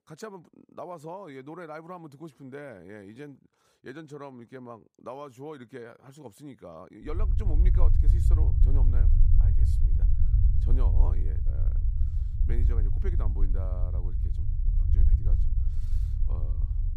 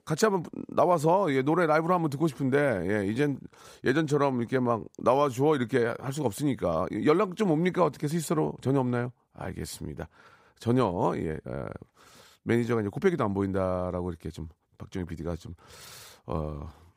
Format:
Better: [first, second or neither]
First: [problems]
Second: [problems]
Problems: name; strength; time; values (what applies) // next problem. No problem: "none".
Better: second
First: low rumble; loud; from 7 s on; 3 dB below the speech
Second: none